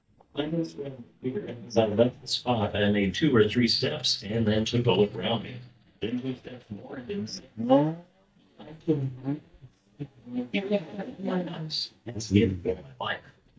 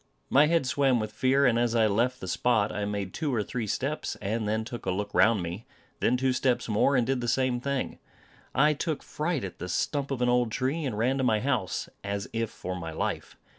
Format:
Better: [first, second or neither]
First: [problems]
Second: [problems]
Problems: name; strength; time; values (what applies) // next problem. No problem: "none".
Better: second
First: noise reduction (neural mask model DeepFilterNet 3)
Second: none